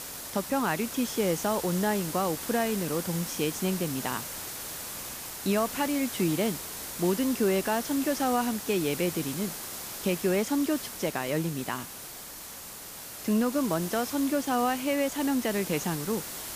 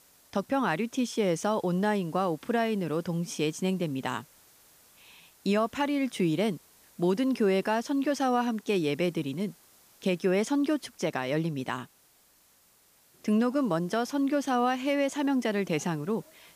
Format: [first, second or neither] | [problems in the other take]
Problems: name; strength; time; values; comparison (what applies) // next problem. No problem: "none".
second | hiss; loud; throughout; 7 dB below the speech; faint in the second